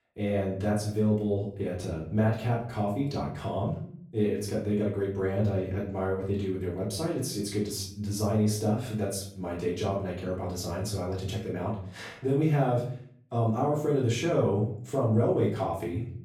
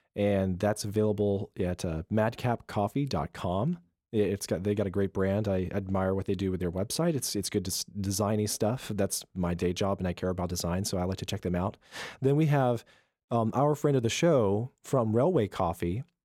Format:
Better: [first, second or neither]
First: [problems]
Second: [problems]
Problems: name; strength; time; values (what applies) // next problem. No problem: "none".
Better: second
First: room echo; noticeable; dies away in 0.5 s // off-mic speech; far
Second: none